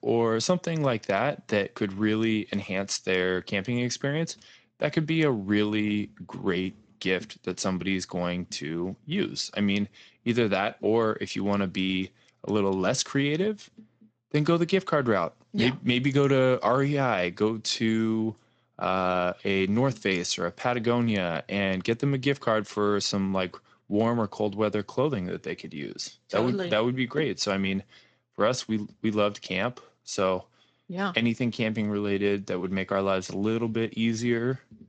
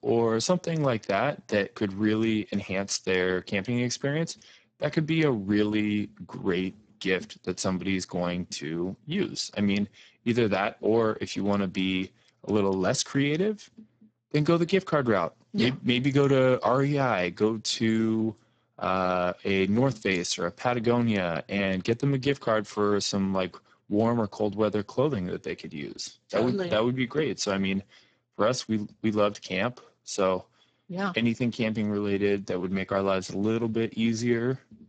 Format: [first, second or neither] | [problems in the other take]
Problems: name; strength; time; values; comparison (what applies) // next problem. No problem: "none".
first | garbled, watery; badly; nothing above 7.5 kHz; slightly in the first